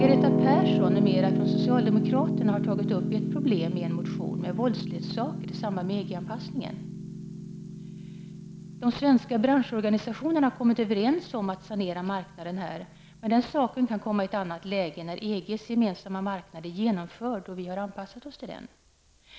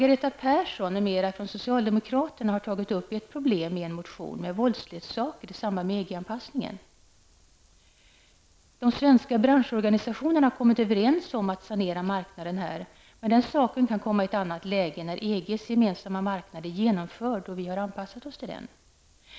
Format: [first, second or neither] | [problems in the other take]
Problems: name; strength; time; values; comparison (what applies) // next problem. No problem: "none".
second | background sound (Piano); 2 dB below the speech